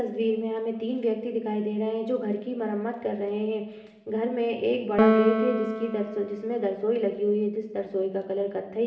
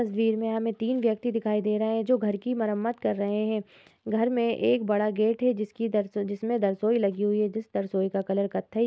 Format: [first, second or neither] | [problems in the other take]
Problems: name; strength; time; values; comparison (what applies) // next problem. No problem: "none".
second | background sound (Piano); 1 dB below the speech // room echo; dies away in 1.2 s